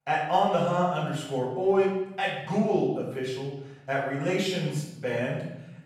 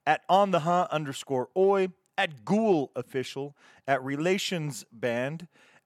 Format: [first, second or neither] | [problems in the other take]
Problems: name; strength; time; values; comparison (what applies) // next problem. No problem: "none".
second | off-mic speech; far // room echo; noticeable; dies away in 0.9 s